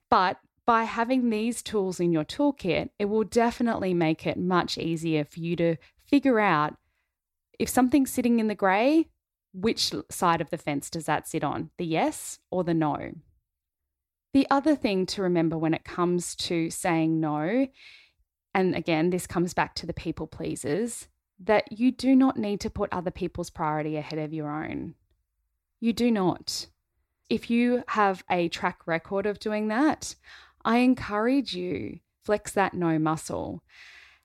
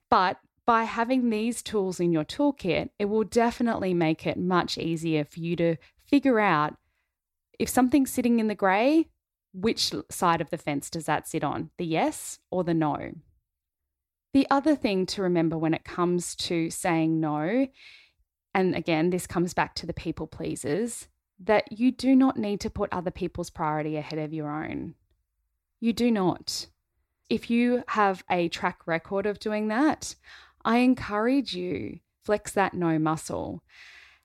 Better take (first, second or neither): neither